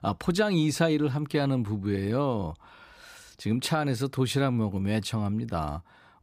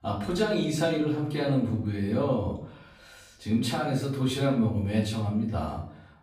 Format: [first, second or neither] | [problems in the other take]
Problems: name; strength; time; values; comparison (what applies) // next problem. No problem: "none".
first | off-mic speech; far // room echo; noticeable; dies away in 0.5 s